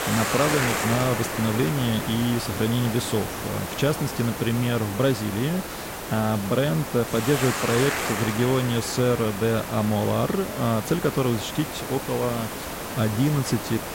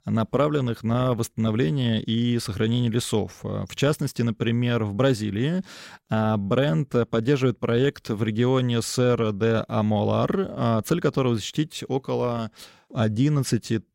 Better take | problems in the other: second | hiss; loud; throughout; 5 dB below the speech

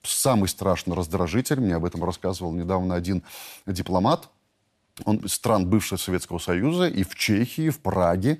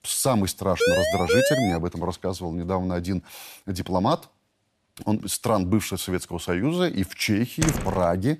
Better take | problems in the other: first | siren; loud; at 1 s; peak 4 dB above the speech // door banging; noticeable; at 7.5 s; peak 2 dB below the speech

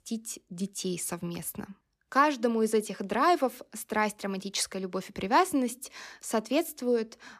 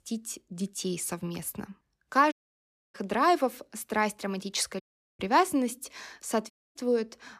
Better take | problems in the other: first | audio cutting out; at 2.5 s for 0.5 s, at 5 s and at 6.5 s

